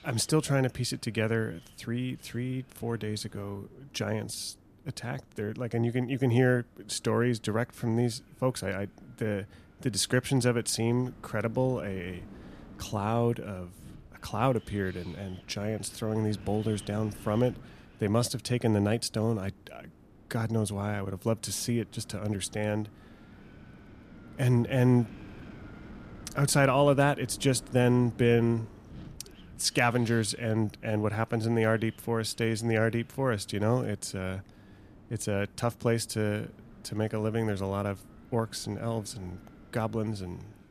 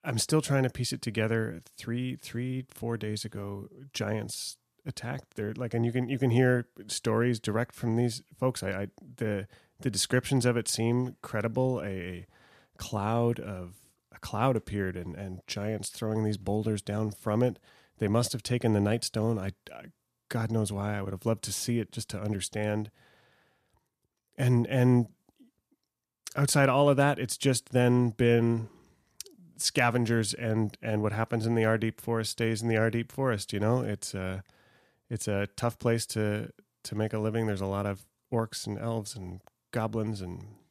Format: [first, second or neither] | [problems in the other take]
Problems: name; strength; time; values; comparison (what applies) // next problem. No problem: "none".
second | wind noise on the microphone; occasional gusts; 25 dB below the speech